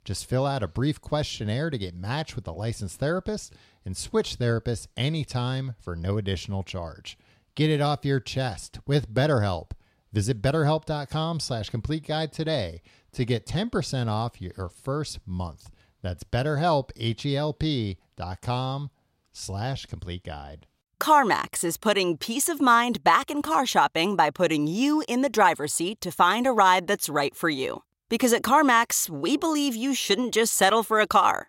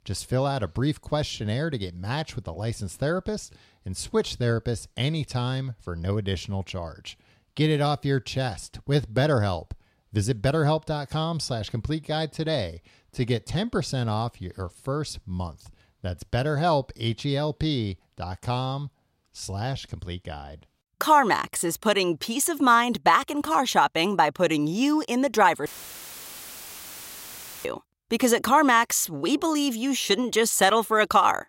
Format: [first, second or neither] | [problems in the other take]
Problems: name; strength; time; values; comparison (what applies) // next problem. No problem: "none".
first | audio cutting out; filled with static; at 26 s for 2 s